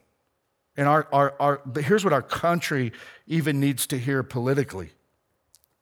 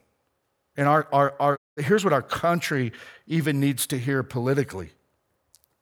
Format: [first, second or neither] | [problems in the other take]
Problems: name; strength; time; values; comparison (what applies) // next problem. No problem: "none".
first | audio cutting out; at 1.5 s